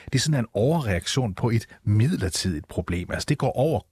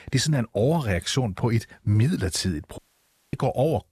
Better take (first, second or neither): first